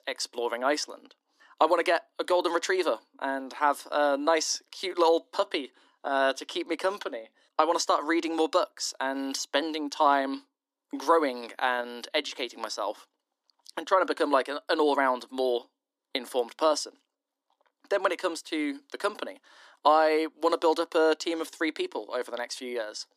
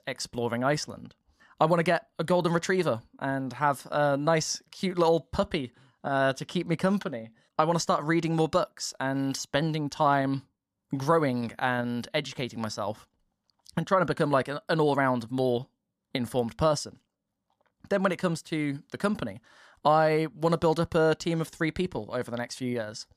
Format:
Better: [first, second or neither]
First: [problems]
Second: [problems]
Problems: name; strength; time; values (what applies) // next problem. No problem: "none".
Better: second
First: thin; somewhat; fading below 300 Hz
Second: none